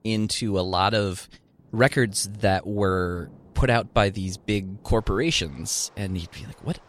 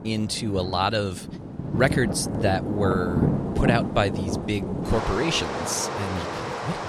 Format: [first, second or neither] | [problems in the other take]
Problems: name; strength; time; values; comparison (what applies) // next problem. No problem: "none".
first | rain or running water; loud; throughout; 2 dB below the speech; faint in the first